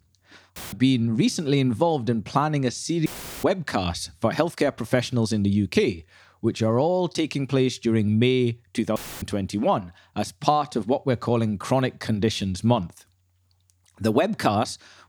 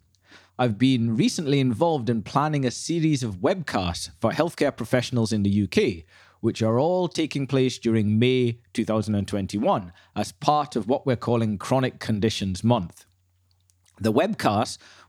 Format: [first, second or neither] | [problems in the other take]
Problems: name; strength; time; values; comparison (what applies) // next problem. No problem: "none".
second | audio cutting out; filled with static; at 0.5 s, at 3 s and at 9 s